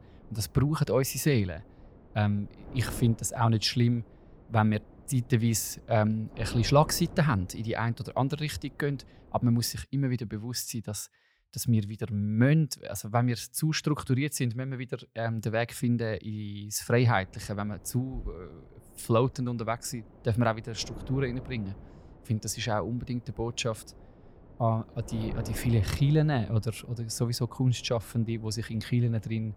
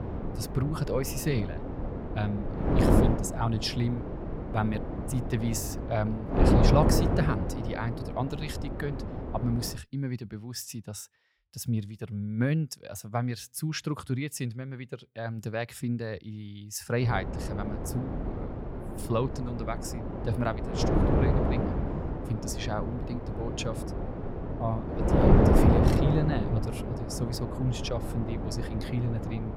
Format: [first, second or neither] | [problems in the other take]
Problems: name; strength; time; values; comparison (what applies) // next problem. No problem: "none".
first | wind noise on the microphone; heavy; until 10 s and from 17 s on; 2 dB above the speech; occasional gusts in the first